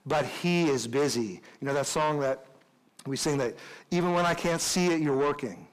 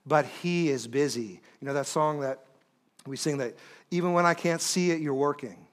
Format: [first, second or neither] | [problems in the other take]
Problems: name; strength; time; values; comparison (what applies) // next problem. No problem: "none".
second | distortion; heavy; 6 dB below the speech